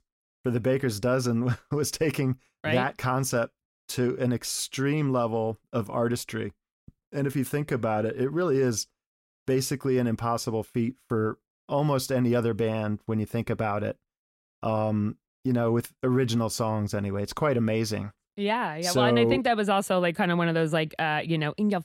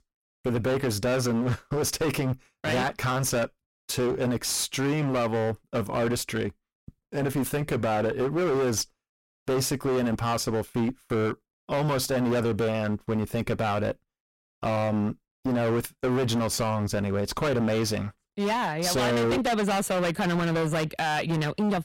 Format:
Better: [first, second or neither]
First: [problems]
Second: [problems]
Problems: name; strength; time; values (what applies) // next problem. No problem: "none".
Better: first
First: none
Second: distortion; heavy; 26% of the sound clipped